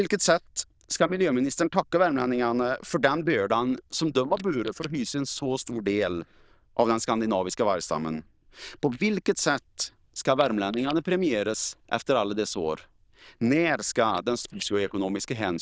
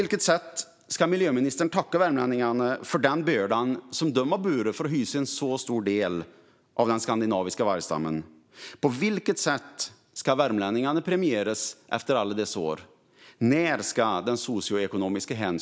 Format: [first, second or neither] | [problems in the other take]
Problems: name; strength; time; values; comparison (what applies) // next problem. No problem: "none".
second | noise reduction (neural diffusion model UNIVERSE++)